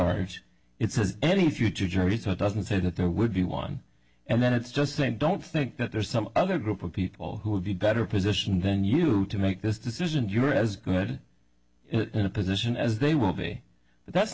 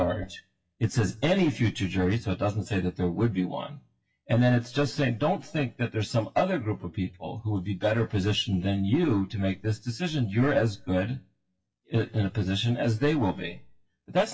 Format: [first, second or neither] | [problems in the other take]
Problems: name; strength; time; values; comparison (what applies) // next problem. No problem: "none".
first | noise reduction (classical method WPE with log-MMSE)